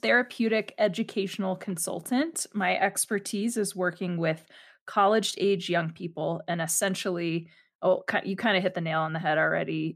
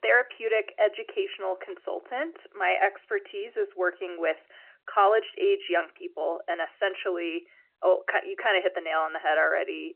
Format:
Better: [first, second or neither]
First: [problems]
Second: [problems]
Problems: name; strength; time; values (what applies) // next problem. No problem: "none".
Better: first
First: none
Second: phone-call audio; nothing above 3 kHz